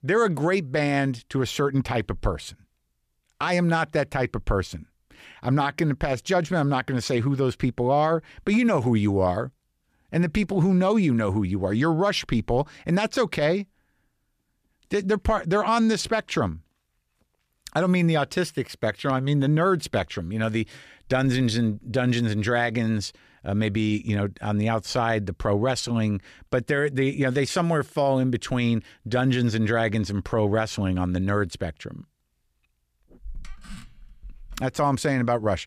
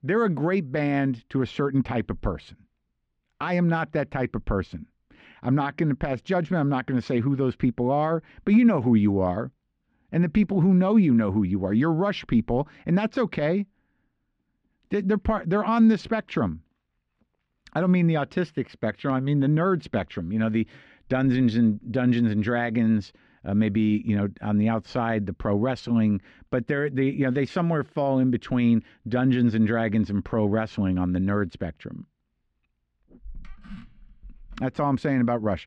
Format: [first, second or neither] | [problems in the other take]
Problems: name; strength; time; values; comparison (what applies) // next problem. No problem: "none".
first | muffled; slightly; fading above 3 kHz